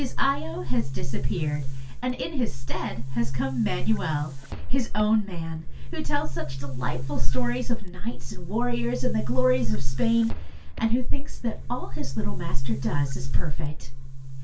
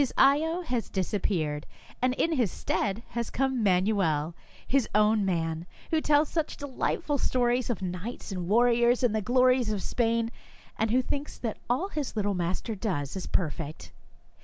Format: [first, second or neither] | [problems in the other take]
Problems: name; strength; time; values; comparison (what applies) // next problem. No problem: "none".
second | background sound (Boom); 17 dB below the speech // room echo; dies away in 0.2 s